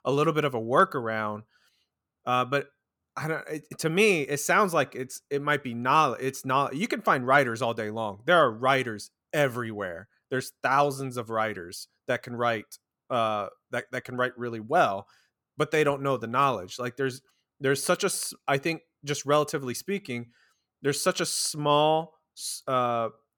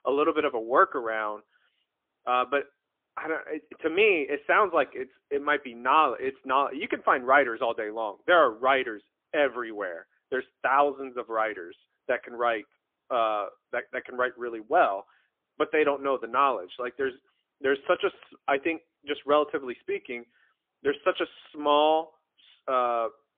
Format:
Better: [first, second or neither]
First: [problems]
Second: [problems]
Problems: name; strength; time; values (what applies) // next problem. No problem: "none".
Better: first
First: none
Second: phone-call audio; poor line; nothing above 3.5 kHz